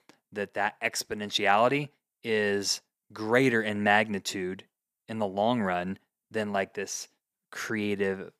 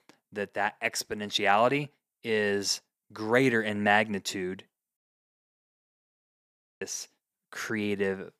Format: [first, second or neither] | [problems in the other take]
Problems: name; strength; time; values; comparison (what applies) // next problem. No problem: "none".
first | audio cutting out; at 5 s for 2 s